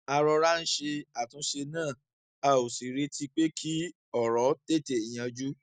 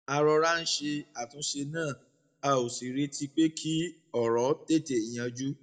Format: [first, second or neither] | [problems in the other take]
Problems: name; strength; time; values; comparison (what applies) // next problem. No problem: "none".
first | room echo; dies away in 0.4 s